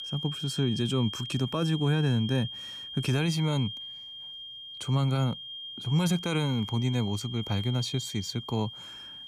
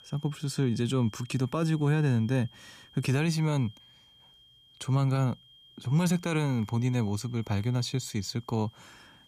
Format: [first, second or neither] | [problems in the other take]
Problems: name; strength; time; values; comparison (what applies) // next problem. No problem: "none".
second | high-pitched whine; loud; throughout; 3 kHz, 8 dB below the speech; faint in the second